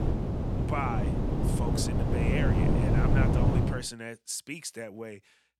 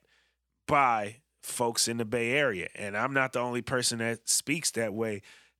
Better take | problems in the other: second | wind noise on the microphone; heavy; until 3.5 s; 2 dB above the speech

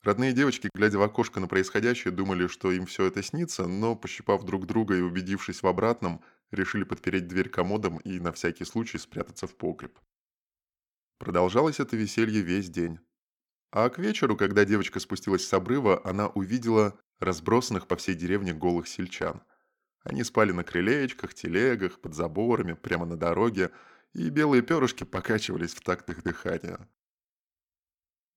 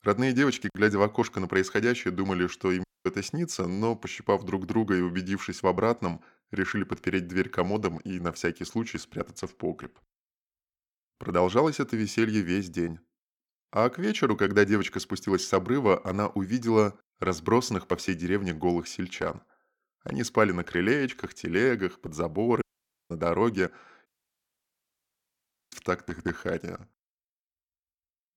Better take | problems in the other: first | audio cutting out; at 3 s, at 23 s and at 24 s for 1.5 s

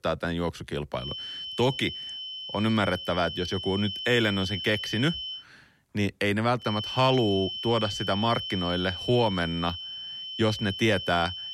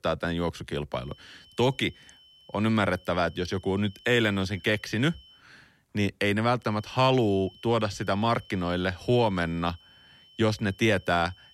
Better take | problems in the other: second | high-pitched whine; loud; from 1 to 5.5 s and from 6.5 s on; 3 kHz, 6 dB below the speech; faint in the second

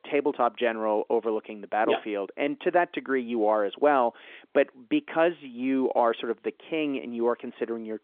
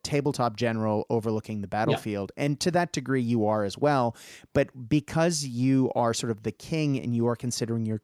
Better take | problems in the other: second | phone-call audio; nothing above 3.5 kHz

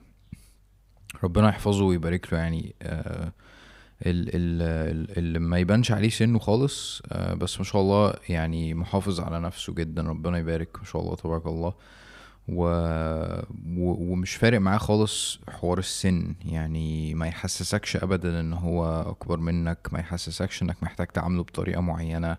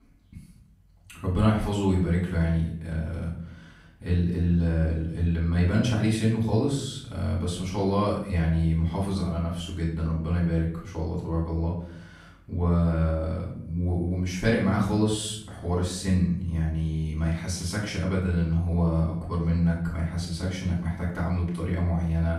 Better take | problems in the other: first | off-mic speech; far // room echo; noticeable; dies away in 0.6 s

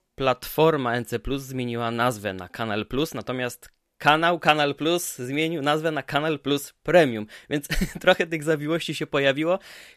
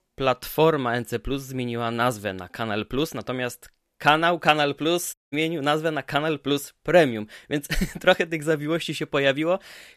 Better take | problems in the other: first | audio cutting out; at 5 s

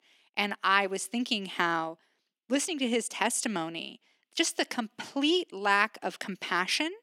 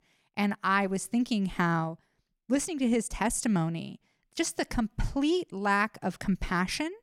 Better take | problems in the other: second | thin; very slightly; fading below 250 Hz

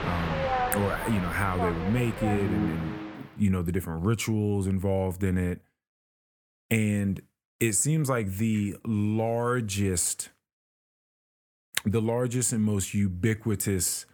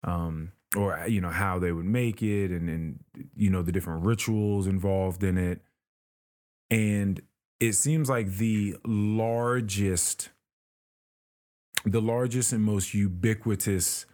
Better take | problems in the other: second | train or aircraft noise; loud; until 3 s; 4 dB below the speech

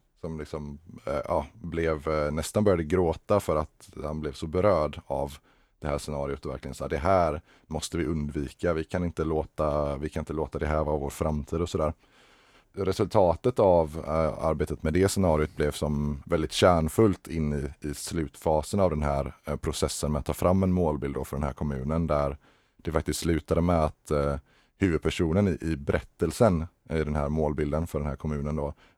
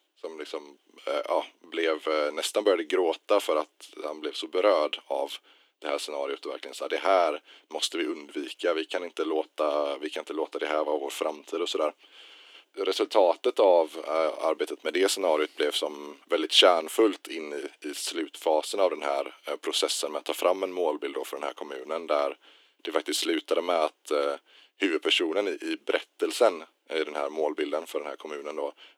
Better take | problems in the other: first | thin; very; fading below 300 Hz

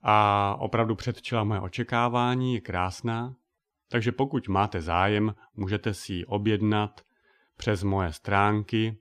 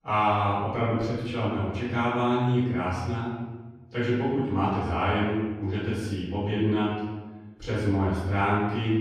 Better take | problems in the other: first | off-mic speech; far // room echo; strong; dies away in 1.2 s

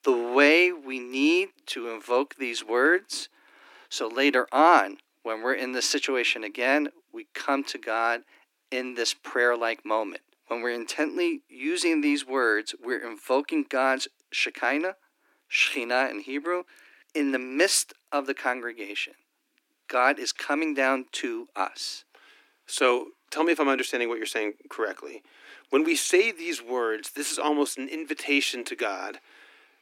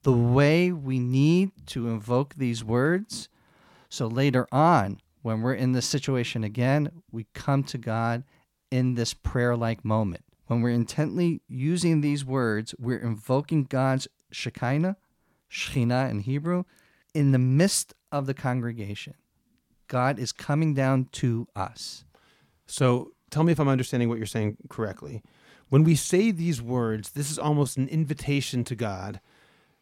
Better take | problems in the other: second | thin; somewhat; fading below 300 Hz

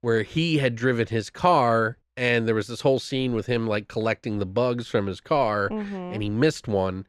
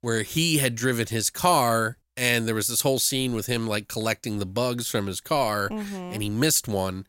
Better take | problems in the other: second | muffled; slightly; fading above 2.5 kHz

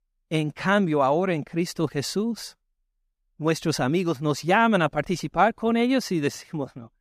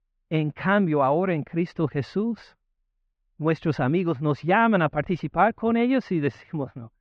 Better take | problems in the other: first | muffled; very; fading above 2.5 kHz

